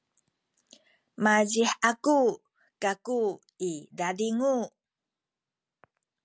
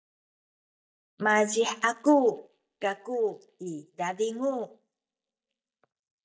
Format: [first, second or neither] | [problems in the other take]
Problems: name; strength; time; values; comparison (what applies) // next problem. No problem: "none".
first | noise reduction (neural mask model DeepFilterNet 3)